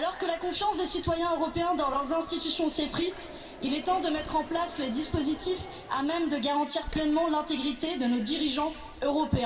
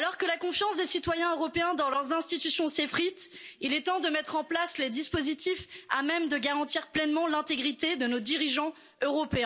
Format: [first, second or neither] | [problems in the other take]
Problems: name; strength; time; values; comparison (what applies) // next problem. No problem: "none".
second | background sound (Fixed-wing aircraft, airplane); 16 dB below the speech // room echo; dies away in 2 s